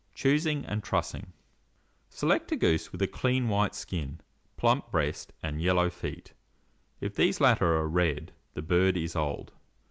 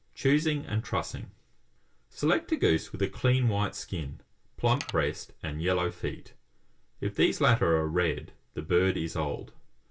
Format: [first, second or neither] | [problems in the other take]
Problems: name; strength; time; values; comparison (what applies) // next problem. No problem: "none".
first | background sound (Mechanisms); 12 dB below the speech // room echo; dies away in 0.1 s